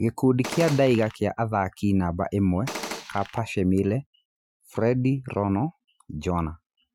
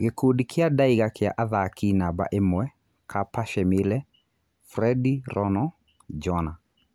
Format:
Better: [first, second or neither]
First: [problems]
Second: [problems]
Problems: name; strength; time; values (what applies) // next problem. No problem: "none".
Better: second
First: noise reduction (classical method Wiener filter)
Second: none